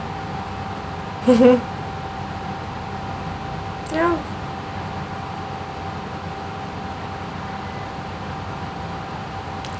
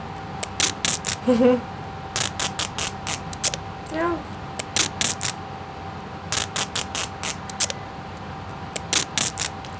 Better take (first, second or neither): first